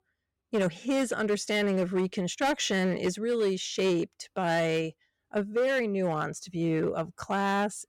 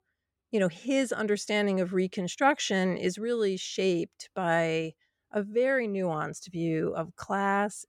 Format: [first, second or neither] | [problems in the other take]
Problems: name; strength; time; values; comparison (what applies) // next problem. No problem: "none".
second | distortion; slight; 9% of the sound clipped